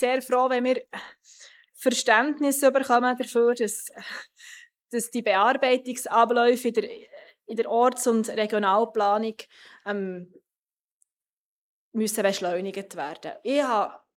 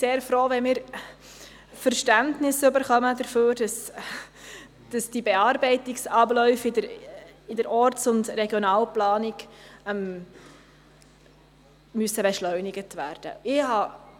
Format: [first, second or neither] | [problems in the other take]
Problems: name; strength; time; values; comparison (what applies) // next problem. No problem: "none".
second | noise reduction (neural mask model Resemble Enhance denoiser)